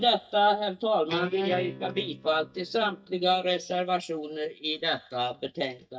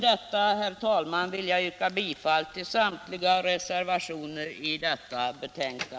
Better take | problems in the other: second | noise reduction (neural mask model DeepFilterNet 3)

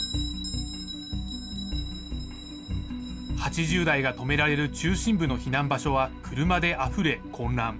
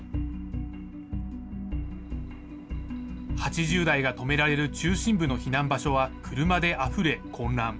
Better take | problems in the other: second | background sound (Breathing + Bell); 14 dB below the speech

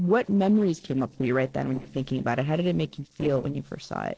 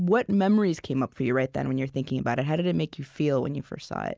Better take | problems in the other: second | noise reduction (neural separator model SepFormer DNS4)

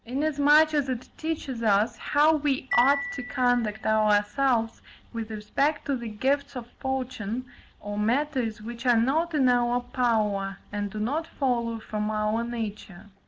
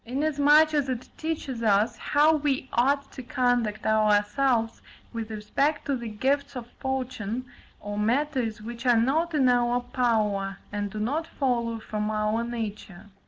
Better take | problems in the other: second | background sound (Marimba, xylophone); 11 dB below the speech

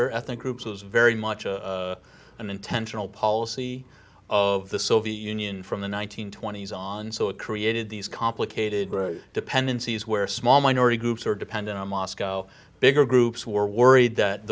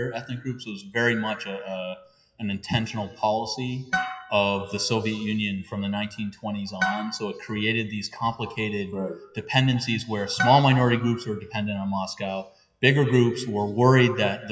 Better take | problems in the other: first | noise reduction (classical method WPE with log-MMSE)

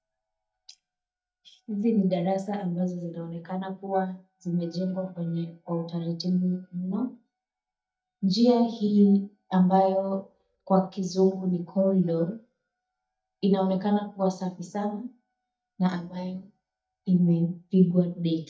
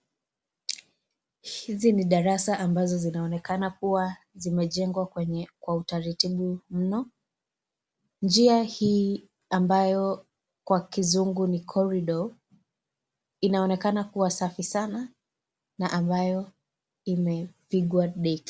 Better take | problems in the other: second | noise reduction (neural mask model DeepFilterNet 3)

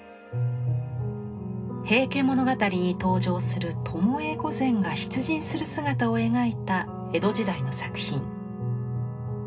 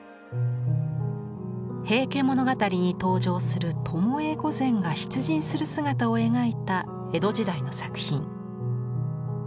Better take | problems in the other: second | room echo; dies away in 0.2 s

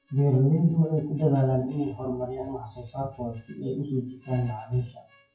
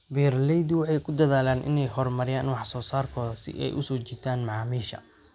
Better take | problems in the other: second | noise reduction (classical method WPE with log-MMSE)

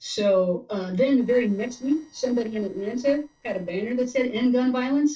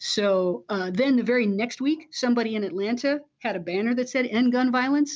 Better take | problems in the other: second | noise reduction (neural separator model SepFormer DNS4)

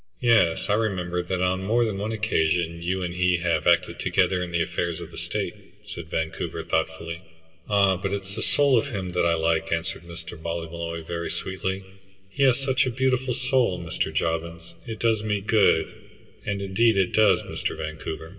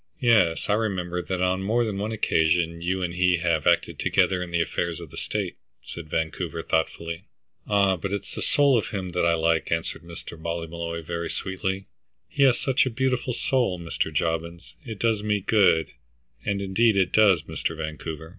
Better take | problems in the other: second | room echo; dies away in 2.9 s

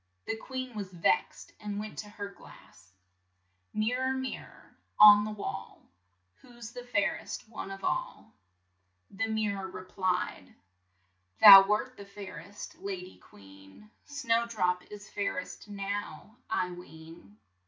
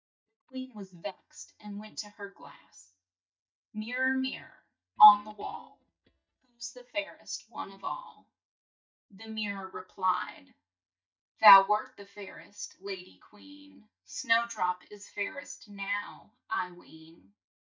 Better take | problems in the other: first | noise reduction (neural mask model DeepFilterNet 3)

